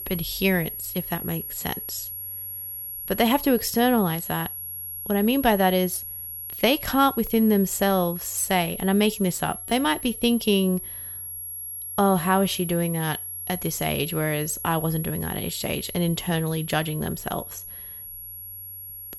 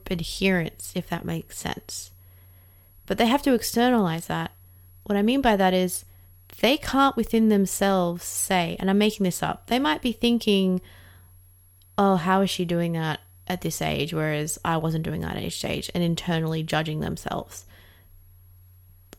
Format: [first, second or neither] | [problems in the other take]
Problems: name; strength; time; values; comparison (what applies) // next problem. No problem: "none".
second | high-pitched whine; loud; throughout; 11.5 kHz, 8 dB below the speech; faint in the second